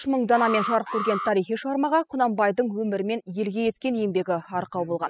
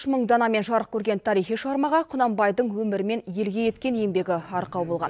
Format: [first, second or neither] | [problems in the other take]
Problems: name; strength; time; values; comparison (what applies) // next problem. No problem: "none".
second | noise reduction (classical method spectral subtraction)